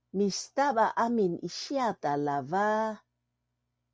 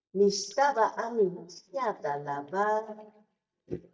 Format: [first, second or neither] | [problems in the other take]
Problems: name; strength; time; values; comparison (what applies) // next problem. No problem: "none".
first | noise reduction (neural mask model DeepFilterNet 3)